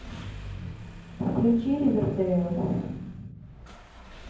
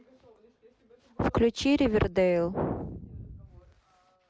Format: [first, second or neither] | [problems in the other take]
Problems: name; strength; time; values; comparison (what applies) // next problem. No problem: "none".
second | background sound (Engine starting); 13 dB below the speech // room echo; dies away in 0.9 s